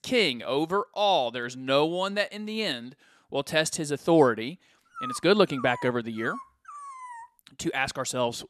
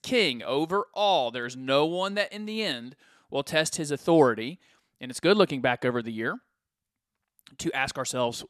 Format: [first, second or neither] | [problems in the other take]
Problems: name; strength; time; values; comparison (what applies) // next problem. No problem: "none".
second | dog barking; faint; from 5 to 7.5 s; peak 10 dB below the speech